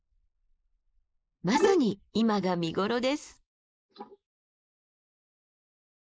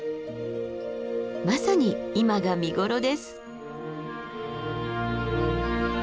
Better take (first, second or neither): second